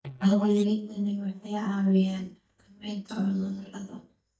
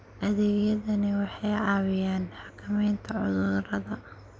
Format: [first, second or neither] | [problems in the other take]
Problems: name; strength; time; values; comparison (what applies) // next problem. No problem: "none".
second | noise reduction (neural mask model DeepFilterNet 3)